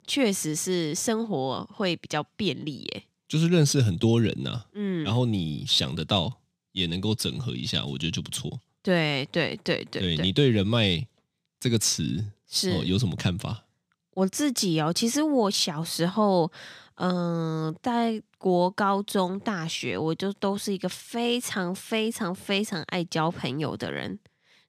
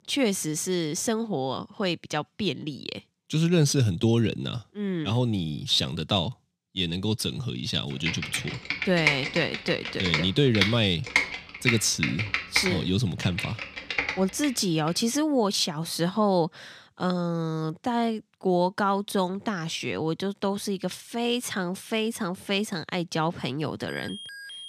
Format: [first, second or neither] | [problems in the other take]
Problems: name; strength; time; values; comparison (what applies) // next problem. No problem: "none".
first | keyboard typing; loud; from 8 to 14 s; peak 2 dB above the speech // alarm; faint; at 24 s; peak 10 dB below the speech